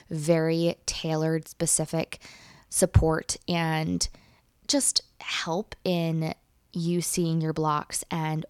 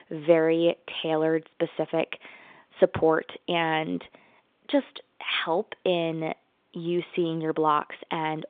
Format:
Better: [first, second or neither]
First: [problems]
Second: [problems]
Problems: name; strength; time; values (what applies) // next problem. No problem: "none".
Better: first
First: none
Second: phone-call audio